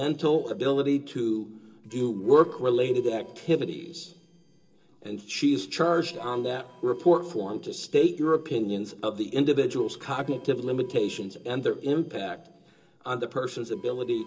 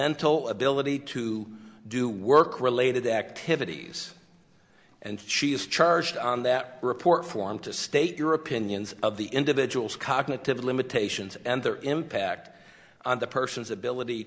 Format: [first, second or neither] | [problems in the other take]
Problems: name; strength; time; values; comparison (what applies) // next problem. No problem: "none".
second | noise reduction (neural separator model SepFormer DNS4)